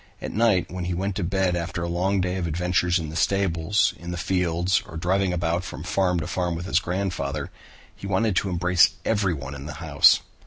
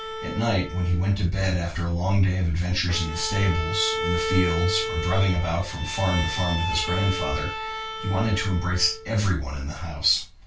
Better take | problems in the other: first | background sound (Bowed string instrument); 8 dB below the speech // room echo; dies away in 0.2 s

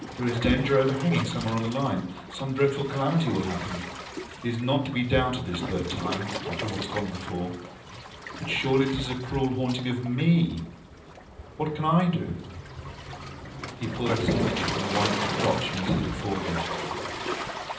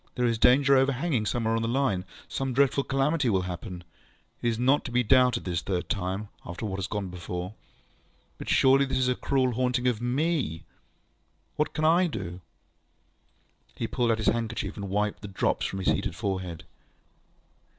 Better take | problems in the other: second | background sound (Waves, surf); 7 dB below the speech // room echo; dies away in 0.6 s

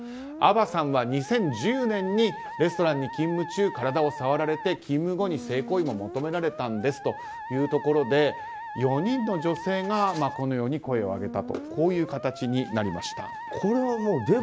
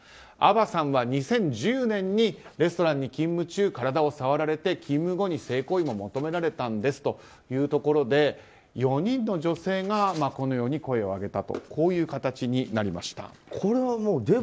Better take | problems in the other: second | background sound (Musical instrument); 12 dB below the speech

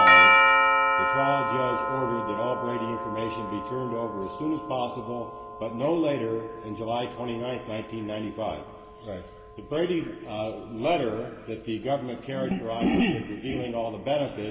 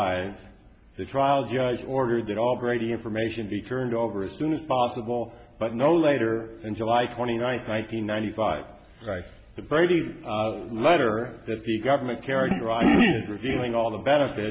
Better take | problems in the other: second | background sound (Doorbell); 2 dB above the speech // room echo; dies away in 2.3 s

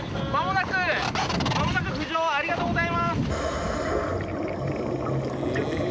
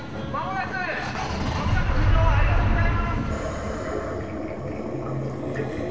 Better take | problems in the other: first | background sound (Motor vehicle (road)); 3 dB above the speech // room echo; dies away in 2.4 s

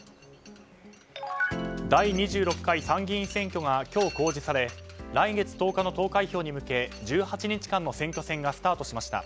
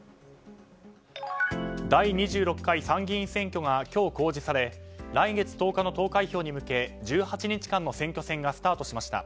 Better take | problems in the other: second | background sound (Mechanisms); 19 dB below the speech

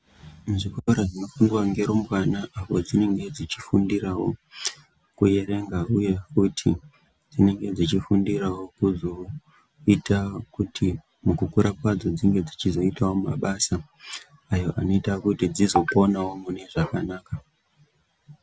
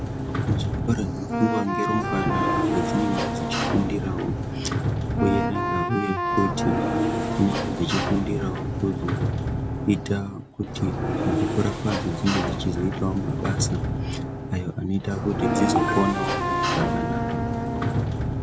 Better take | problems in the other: first | background sound (Sliding door + Wind instrument, woodwind instrument); 2 dB above the speech

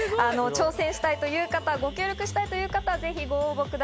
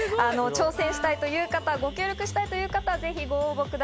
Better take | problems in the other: first | background sound (Wind instrument, woodwind instrument); 12 dB below the speech

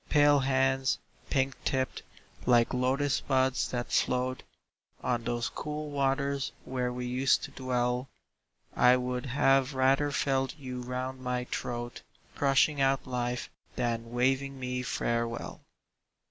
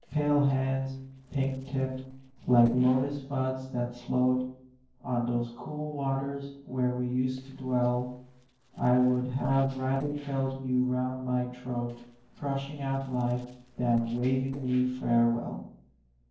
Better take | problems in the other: first | noise reduction (neural separator model SepFormer DNS4)

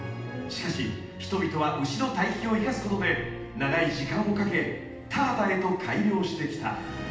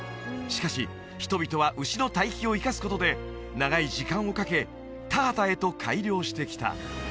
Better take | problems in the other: second | background sound (Idling / Accelerating, revving, vroom / Car); 20 dB below the speech // room echo; dies away in 0.8 s

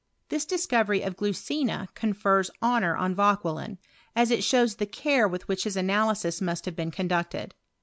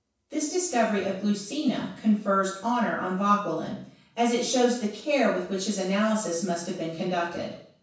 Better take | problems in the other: first | room echo; dies away in 0.7 s

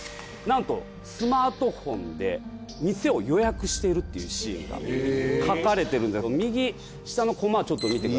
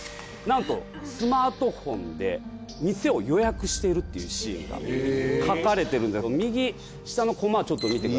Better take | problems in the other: first | background sound (Cough); 16 dB below the speech

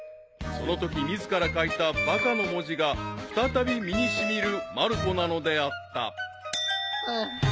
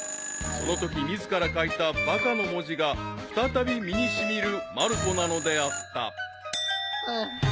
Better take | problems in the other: first | background sound (Telephone); 12 dB below the speech

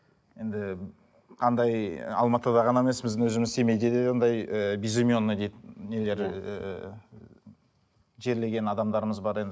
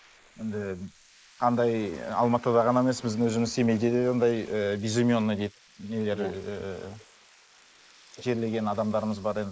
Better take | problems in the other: first | noise reduction (neural mask model Resemble Enhance denoiser)

